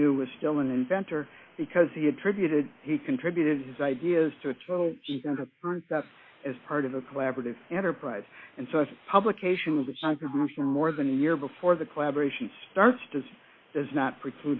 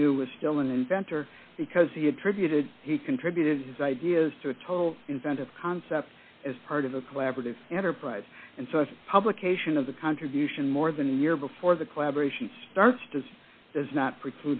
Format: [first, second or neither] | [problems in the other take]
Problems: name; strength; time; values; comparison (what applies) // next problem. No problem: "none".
second | noise reduction (neural mask model Resemble Enhance denoiser)